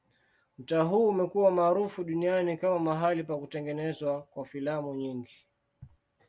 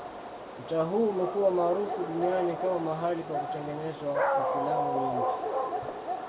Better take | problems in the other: first | background sound (Dog); 1 dB below the speech // room echo; dies away in 0.6 s

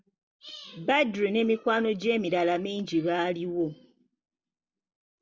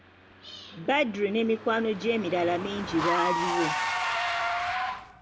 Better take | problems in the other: first | background sound (Engine / Car); 2 dB below the speech

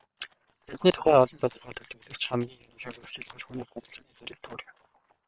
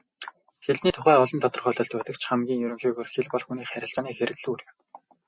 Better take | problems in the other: second | noise reduction (neural separator model SepFormer WHAM!)

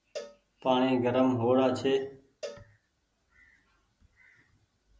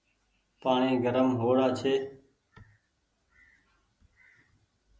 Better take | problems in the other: second | background sound (Cowbell); 19 dB below the speech

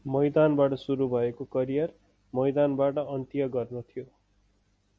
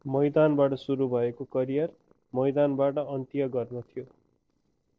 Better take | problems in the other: first | noise reduction (neural separator model SepFormer DNS4)

